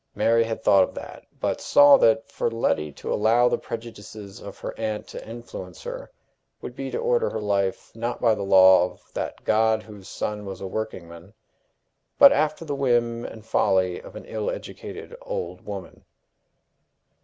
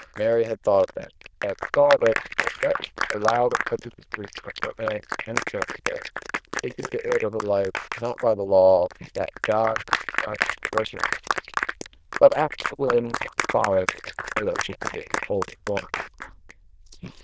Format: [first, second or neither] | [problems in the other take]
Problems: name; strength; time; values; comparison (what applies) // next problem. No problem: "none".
first | noise reduction (neural diffusion model UNIVERSE++)